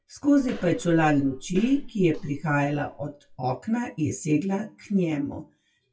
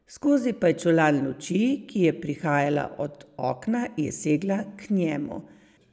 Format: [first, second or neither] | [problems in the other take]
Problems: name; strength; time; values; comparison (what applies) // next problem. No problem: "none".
second | noise reduction (classical method WPE with log-MMSE)